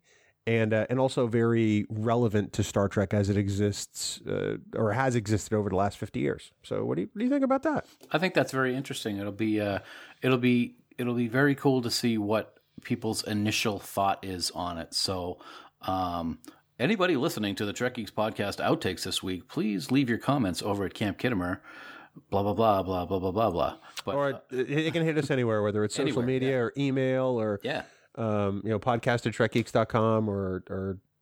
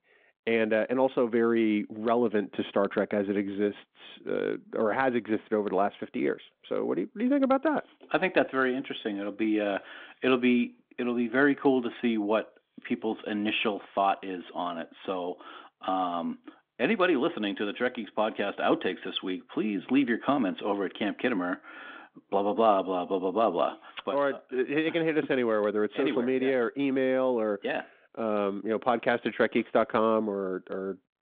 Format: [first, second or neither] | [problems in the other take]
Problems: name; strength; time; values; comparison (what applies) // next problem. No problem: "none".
first | phone-call audio; nothing above 3.5 kHz